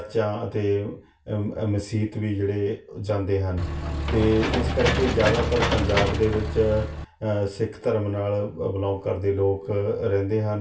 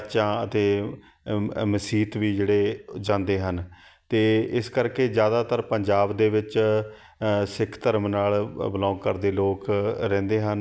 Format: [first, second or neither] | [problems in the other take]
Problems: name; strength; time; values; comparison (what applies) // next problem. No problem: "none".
second | background sound (Engine / Mechanisms); as loud as the speech // room echo; dies away in 0.2 s